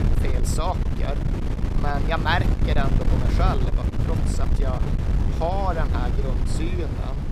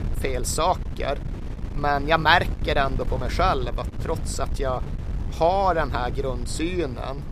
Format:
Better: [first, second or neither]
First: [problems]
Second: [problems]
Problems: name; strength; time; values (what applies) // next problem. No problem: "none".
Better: second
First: wind noise on the microphone; heavy; 6 dB below the speech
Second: wind noise on the microphone; occasional gusts; 20 dB below the speech